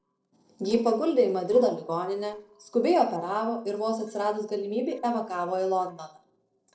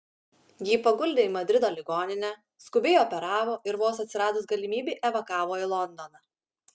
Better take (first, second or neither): second